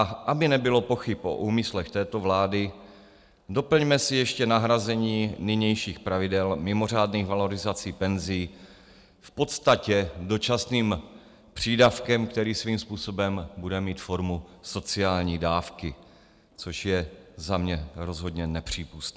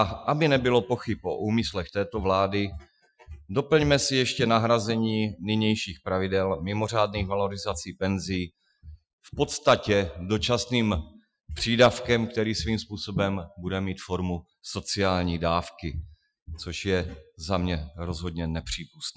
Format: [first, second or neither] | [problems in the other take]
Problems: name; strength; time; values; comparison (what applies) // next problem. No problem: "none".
first | noise reduction (classical method Wiener filter)